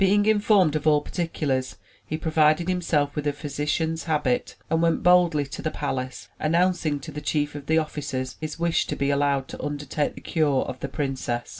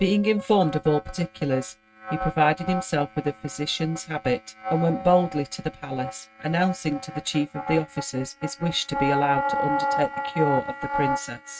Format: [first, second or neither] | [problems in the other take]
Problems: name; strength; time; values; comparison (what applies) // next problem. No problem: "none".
first | noise reduction (neural mask model RNNoise)